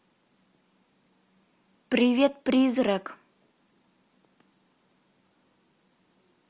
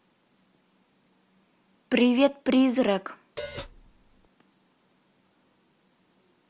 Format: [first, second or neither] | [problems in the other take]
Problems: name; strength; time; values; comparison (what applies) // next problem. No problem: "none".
first | background sound (Hi-hat); 12 dB below the speech